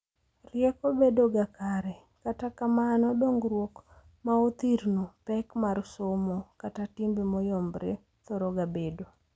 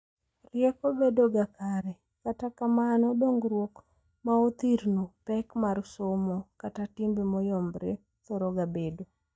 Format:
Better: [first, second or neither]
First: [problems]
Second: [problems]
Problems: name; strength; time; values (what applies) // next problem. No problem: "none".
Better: first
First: none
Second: noise reduction (neural mask model DeepFilterNet 3)